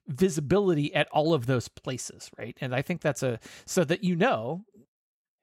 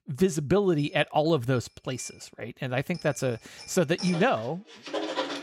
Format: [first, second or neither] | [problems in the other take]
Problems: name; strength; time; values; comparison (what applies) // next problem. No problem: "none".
first | household noises; noticeable; throughout; 10 dB below the speech